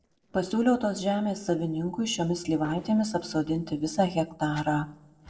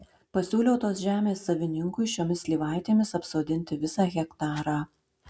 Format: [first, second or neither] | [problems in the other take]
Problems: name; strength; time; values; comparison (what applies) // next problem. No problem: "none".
second | noise reduction (neural separator model SepFormer DNS4)